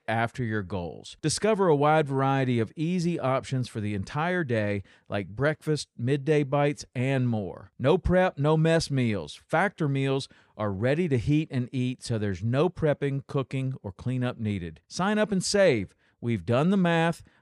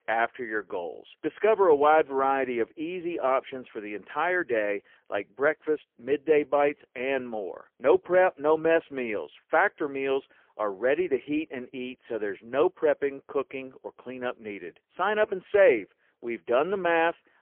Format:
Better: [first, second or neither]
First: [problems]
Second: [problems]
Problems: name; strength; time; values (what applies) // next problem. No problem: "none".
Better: first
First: none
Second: phone-call audio; poor line; nothing above 3 kHz